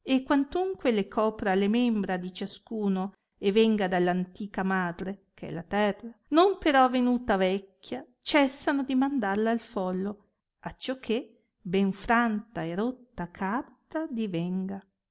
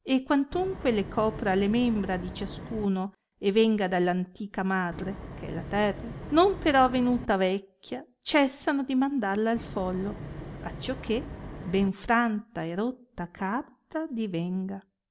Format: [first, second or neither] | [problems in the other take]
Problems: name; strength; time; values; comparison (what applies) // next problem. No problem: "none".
first | background sound (Wind); 11 dB below the speech